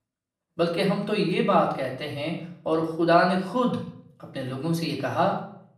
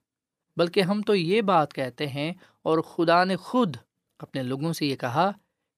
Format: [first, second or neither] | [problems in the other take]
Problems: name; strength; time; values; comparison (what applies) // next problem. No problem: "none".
second | off-mic speech; far // room echo; slight; dies away in 0.5 s